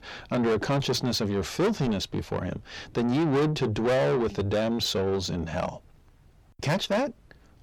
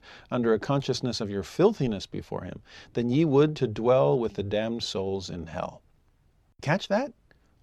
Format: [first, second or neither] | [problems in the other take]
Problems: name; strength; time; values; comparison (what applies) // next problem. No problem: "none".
second | distortion; heavy; 6 dB below the speech